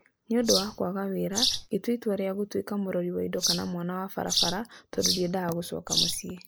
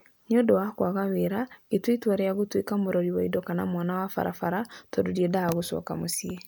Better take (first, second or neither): second